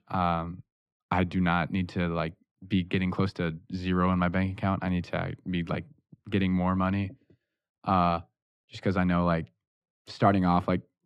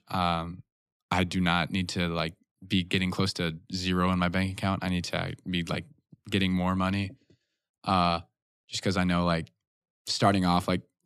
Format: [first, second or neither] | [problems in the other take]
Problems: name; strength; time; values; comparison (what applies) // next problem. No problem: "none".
second | muffled; slightly; fading above 3.5 kHz